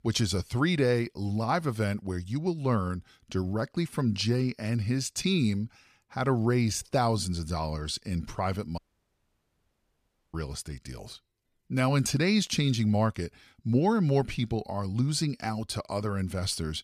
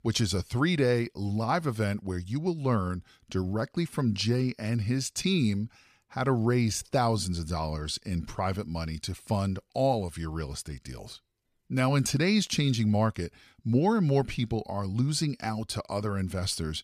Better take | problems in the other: second | audio cutting out; at 9 s for 1.5 s

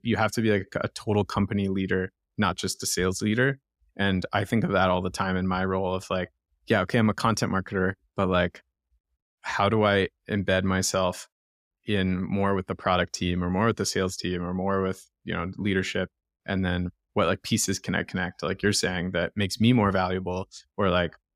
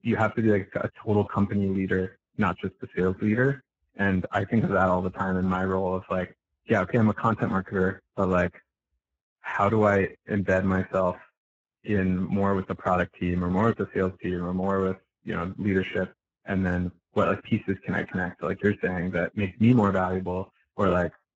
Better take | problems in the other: first | garbled, watery; badly

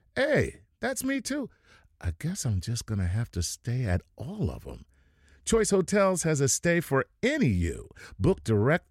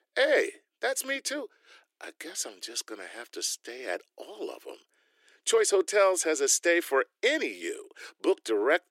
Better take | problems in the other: first | thin; very; fading below 300 Hz

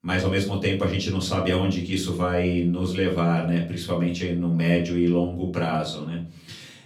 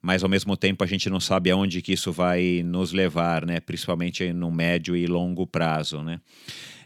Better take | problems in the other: second | room echo; slight; dies away in 0.4 s // off-mic speech; far

